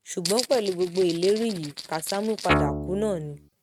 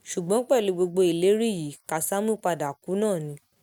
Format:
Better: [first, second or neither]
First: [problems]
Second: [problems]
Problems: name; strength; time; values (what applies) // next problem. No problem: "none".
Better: second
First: noise reduction (neural mask model RNNoise)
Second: none